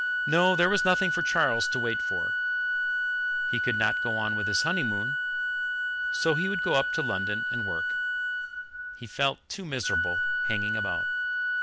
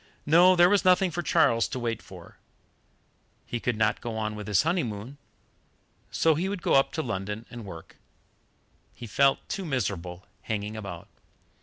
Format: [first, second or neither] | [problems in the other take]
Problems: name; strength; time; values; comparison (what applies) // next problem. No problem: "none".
second | background sound (Organ); 3 dB above the speech